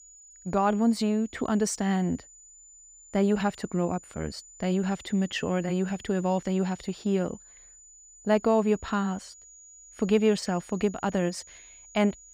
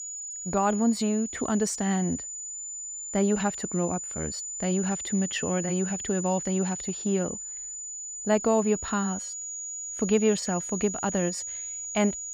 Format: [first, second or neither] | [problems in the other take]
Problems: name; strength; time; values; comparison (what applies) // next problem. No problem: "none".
first | high-pitched whine; loud; throughout; 7 kHz, 6 dB below the speech; faint in the first